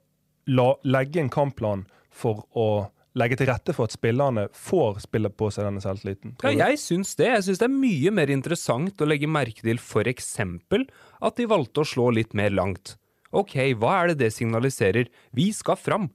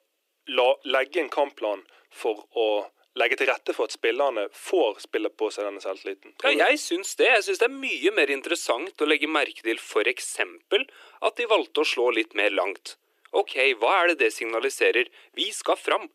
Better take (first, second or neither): first